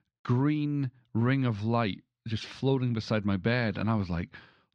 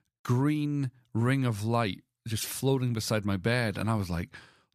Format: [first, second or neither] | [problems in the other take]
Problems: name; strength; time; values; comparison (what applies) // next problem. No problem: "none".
second | muffled; very slightly; fading above 4.5 kHz